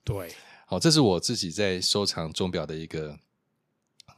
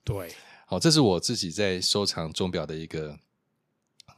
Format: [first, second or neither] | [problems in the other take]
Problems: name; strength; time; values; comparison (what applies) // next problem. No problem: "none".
neither | none